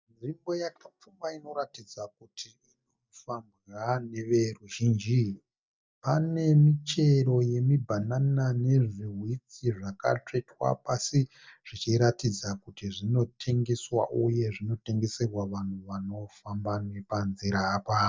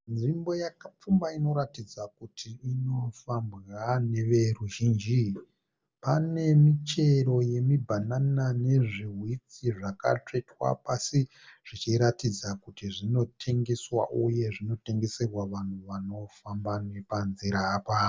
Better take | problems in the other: second | noise reduction (neural mask model DeepFilterNet 3)

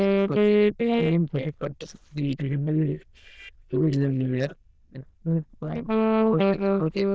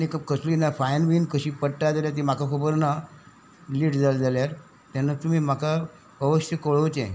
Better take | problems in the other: second | noise reduction (neural diffusion model UNIVERSE++)

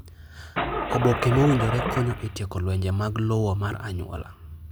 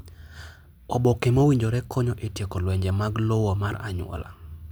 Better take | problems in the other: second | background sound (Engine starting / Car); 3 dB below the speech

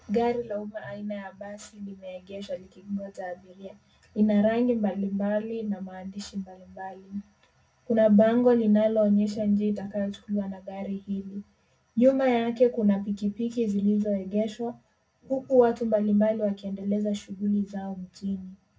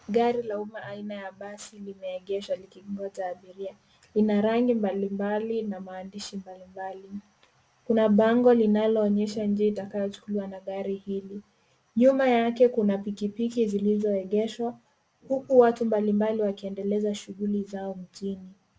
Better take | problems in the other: second | room echo; dies away in 0.3 s

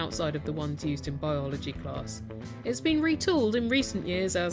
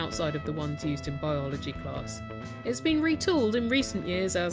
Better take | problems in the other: first | background sound (Trumpet); 17 dB below the speech

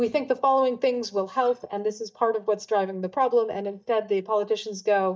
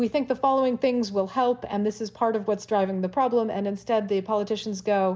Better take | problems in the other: second | noise reduction (neural mask model DeepFilterNet 3)

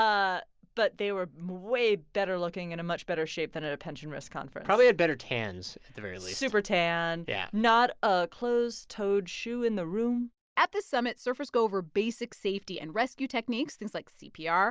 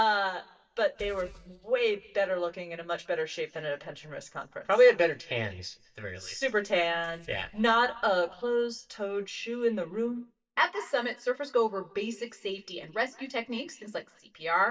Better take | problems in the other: first | noise reduction (neural mask model DeepFilterNet 3)

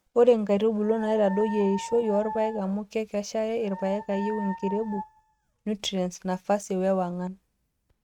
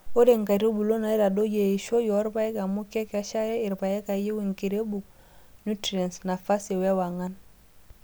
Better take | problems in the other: second | noise reduction (neural mask model RNNoise)

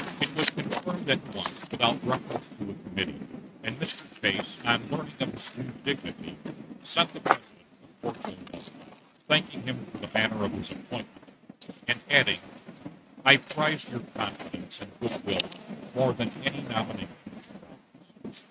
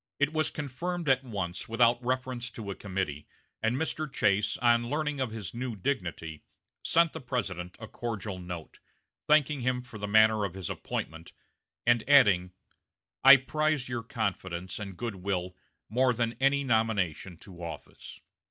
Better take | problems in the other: second | noise reduction (neural mask model RNNoise)

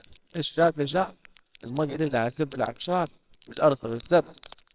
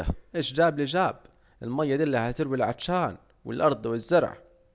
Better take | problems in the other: second | noise reduction (neural separator model SepFormer WHAMR!)

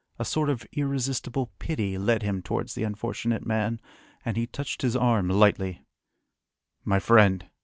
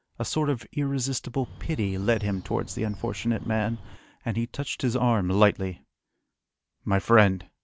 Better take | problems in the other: first | background sound (Bird); 16 dB below the speech

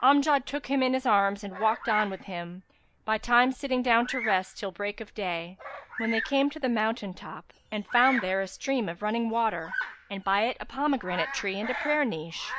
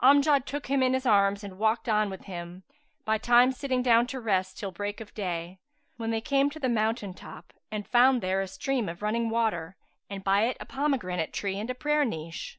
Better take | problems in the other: second | background sound (Bird vocalization, bird call, bird song); 12 dB below the speech

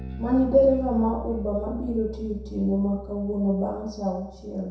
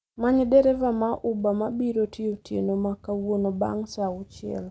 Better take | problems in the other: second | background sound (Bass guitar); 12 dB below the speech // room echo; dies away in 0.7 s

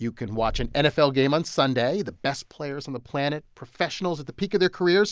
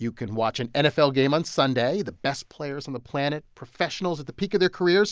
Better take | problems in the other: second | background sound (Purr); 11 dB below the speech

